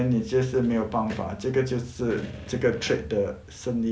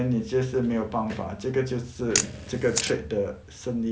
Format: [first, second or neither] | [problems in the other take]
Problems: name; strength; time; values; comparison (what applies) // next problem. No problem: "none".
first | background sound (Camera); 5 dB below the speech